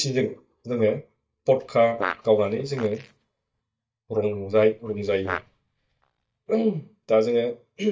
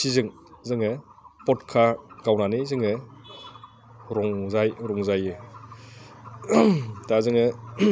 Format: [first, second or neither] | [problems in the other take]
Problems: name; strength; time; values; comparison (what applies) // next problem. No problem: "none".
second | noise reduction (neural mask model DeepFilterNet 3)